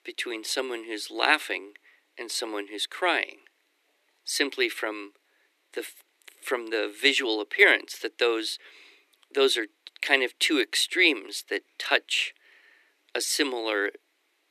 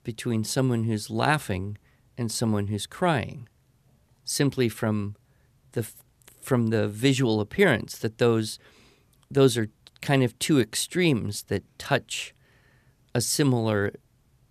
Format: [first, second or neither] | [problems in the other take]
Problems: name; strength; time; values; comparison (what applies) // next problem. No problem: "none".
second | thin; very; fading below 300 Hz